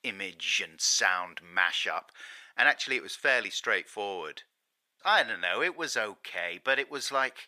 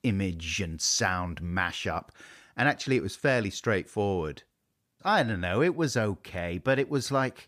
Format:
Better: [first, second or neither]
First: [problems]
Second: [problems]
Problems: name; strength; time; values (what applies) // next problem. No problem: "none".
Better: second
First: thin; very; fading below 650 Hz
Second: none